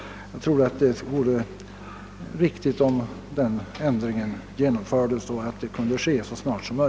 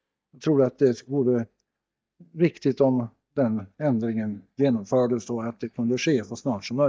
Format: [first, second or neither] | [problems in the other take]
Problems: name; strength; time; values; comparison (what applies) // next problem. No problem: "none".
first | noise reduction (neural mask model DeepFilterNet 3)